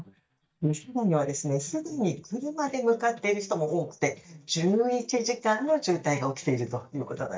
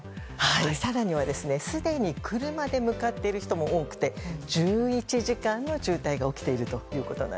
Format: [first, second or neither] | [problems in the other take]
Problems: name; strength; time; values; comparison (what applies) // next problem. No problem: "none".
second | noise reduction (neural mask model DeepFilterNet 3)